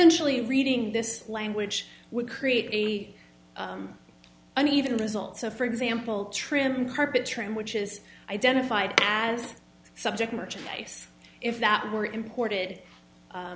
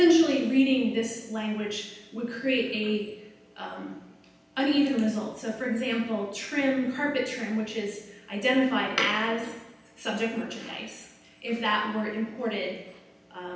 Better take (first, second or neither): first